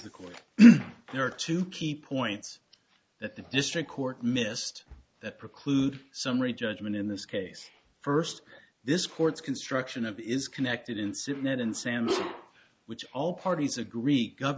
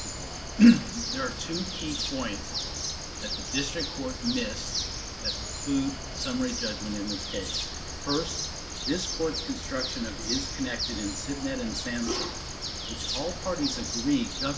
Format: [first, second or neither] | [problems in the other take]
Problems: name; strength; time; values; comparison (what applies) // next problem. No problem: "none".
first | background sound (Bird); 4 dB below the speech // room echo; dies away in 2.6 s